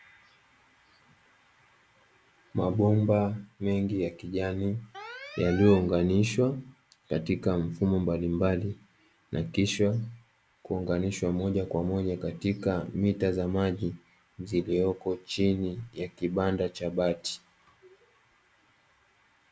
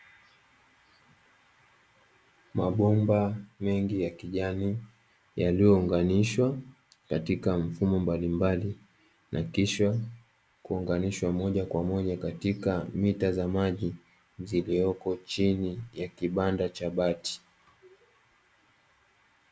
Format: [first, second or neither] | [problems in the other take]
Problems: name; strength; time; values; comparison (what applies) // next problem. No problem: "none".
second | background sound (Alarm); 15 dB below the speech